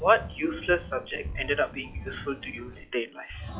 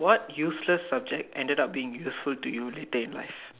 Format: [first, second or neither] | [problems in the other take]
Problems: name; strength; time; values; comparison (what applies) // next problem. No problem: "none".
second | noise reduction (classical method log-MMSE)